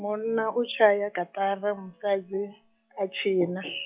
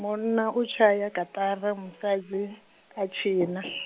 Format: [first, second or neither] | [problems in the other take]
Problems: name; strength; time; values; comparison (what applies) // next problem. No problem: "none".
second | noise reduction (classical method log-MMSE)